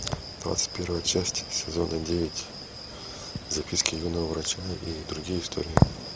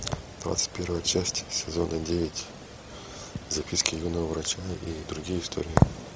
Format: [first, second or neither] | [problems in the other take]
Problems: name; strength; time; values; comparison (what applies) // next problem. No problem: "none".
second | background sound (Cricket); 14 dB below the speech